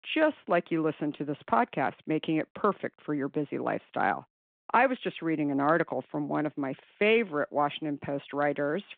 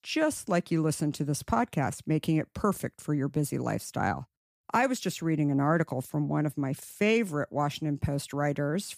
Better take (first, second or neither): second